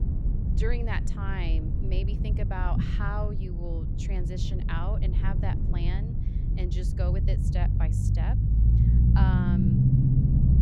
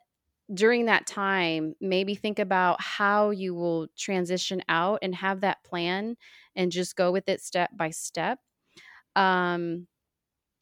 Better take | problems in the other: second | low rumble; loud; throughout; as loud as the speech

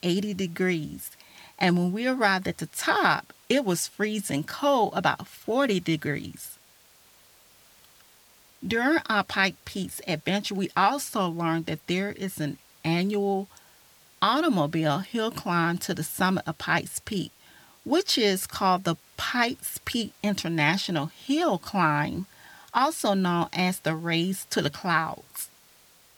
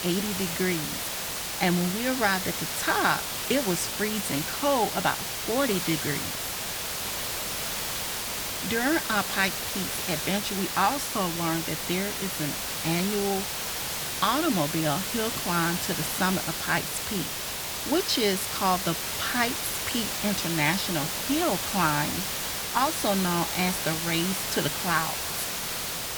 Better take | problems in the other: first | hiss; loud; throughout; 1 dB below the speech; faint in the first

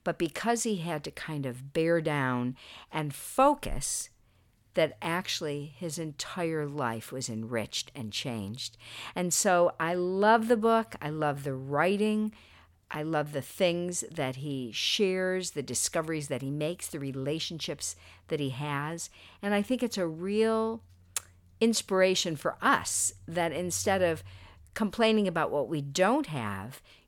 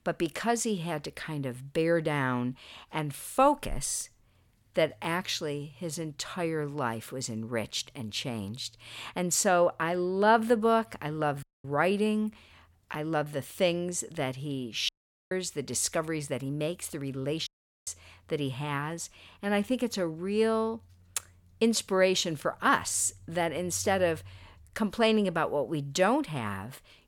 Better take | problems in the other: first | audio cutting out; at 11 s, at 15 s and at 17 s

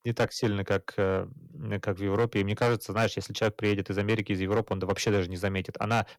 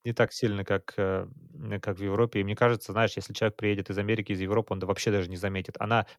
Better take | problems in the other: second | distortion; slight; 5% of the sound clipped

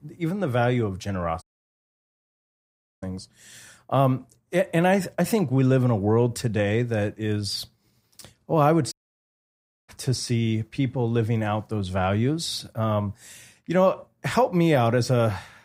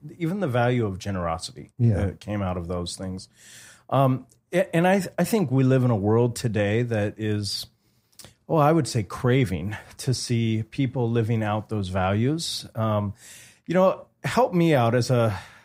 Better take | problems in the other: second | audio cutting out; at 1.5 s for 1.5 s and at 9 s for 1 s

